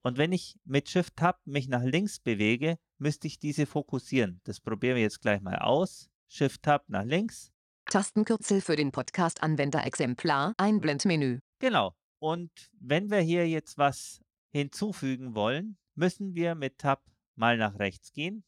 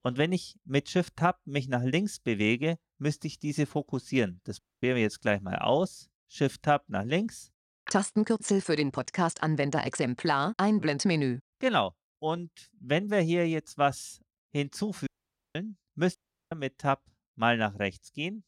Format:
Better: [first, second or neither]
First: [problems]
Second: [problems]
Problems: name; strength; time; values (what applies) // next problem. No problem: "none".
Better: first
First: none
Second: audio cutting out; at 4.5 s, at 15 s and at 16 s